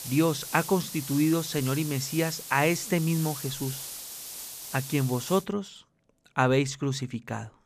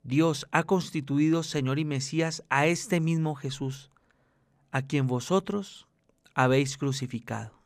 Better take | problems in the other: second | hiss; loud; until 5.5 s; 9 dB below the speech

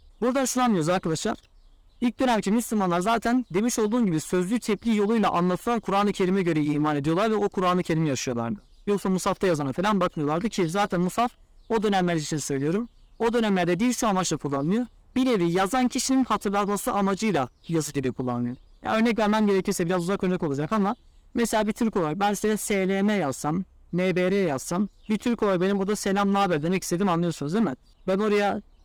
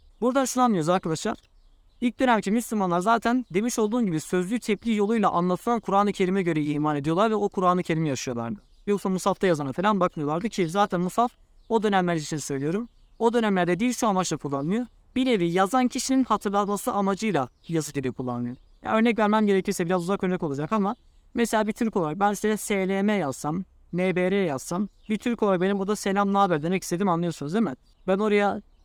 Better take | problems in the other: second | distortion; slight; 9% of the sound clipped

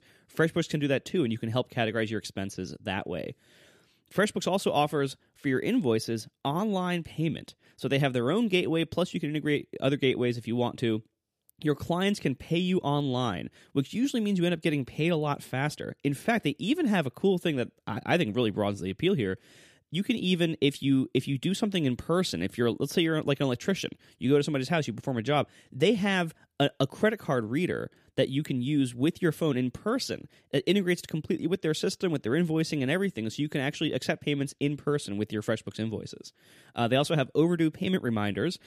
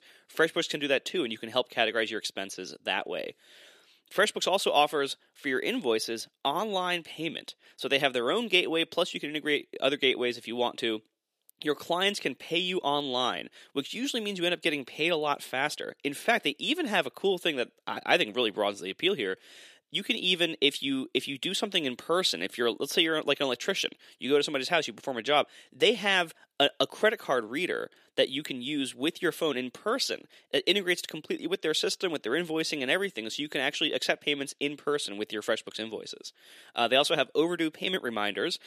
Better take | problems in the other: first | thin; somewhat; fading below 450 Hz

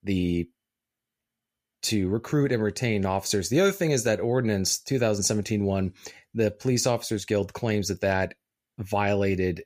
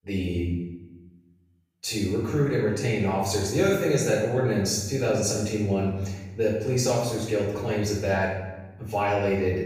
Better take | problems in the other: first | room echo; noticeable; dies away in 0.9 s // off-mic speech; far

